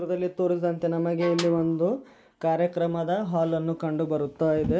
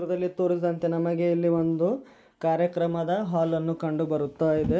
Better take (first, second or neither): second